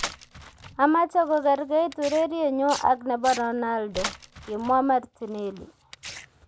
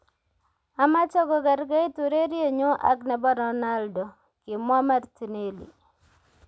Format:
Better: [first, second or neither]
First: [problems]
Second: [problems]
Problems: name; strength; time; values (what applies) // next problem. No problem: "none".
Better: second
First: background sound (Tearing); 15 dB below the speech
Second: none